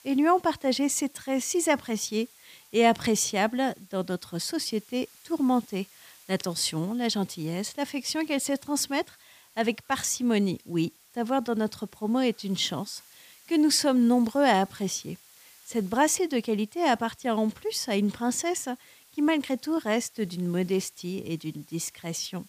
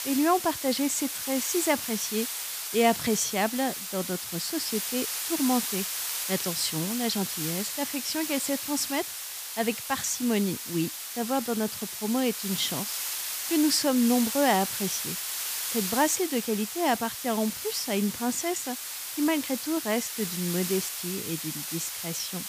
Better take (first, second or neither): first